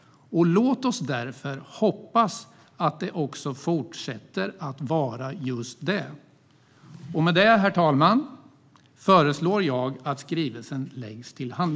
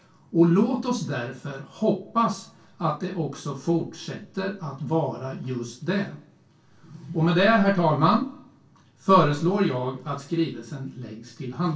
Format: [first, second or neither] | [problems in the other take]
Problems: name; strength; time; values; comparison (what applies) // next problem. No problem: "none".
first | room echo; dies away in 0.2 s